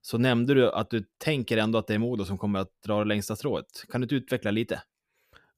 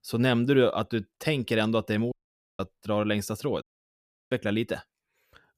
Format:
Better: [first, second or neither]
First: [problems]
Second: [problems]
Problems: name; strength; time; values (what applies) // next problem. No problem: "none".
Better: first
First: none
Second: audio cutting out; at 2 s and at 3.5 s for 0.5 s